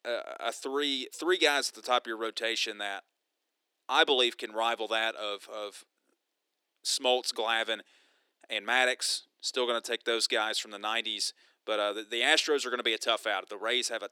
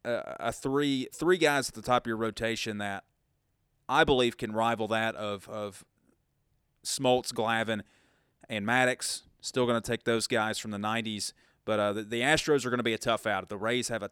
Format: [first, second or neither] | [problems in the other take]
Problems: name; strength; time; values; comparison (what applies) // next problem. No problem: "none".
second | thin; somewhat; fading below 300 Hz